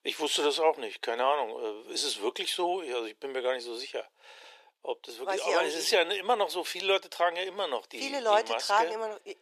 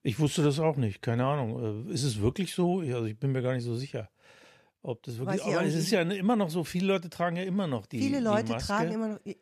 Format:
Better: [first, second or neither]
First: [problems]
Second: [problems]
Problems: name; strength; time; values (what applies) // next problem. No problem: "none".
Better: second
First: thin; very; fading below 400 Hz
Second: none